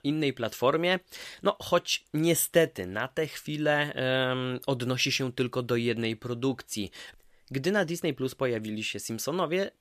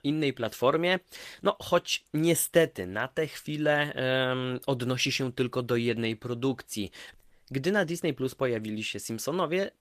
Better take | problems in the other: first | garbled, watery; slightly; nothing above 14.5 kHz

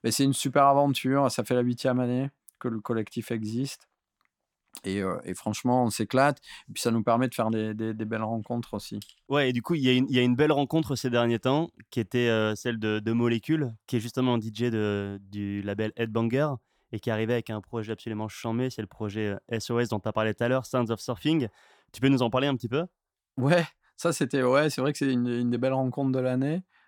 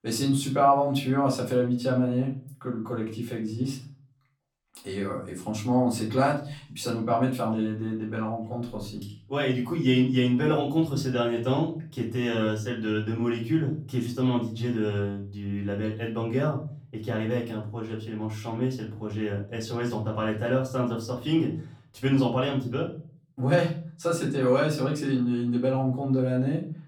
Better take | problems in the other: first | off-mic speech; far // room echo; slight; dies away in 0.5 s

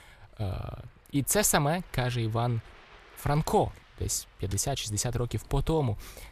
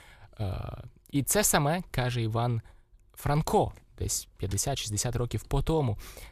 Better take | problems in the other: second | rain or running water; faint; throughout; 25 dB below the speech

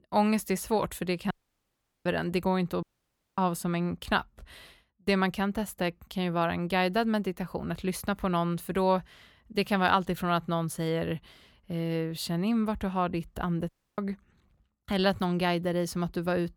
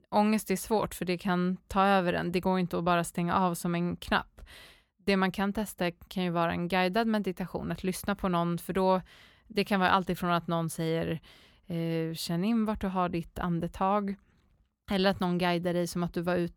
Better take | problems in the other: second | audio cutting out; at 1.5 s for 0.5 s, at 3 s for 0.5 s and at 14 s

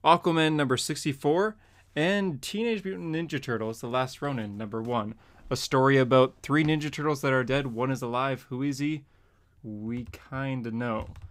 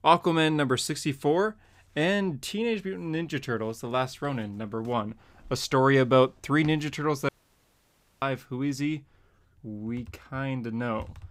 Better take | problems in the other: first | audio cutting out; at 7.5 s for 1 s

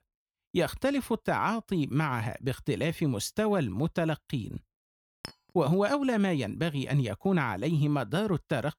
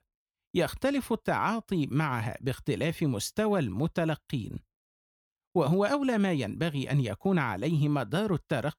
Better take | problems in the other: second | clattering dishes; faint; at 5 s; peak 15 dB below the speech

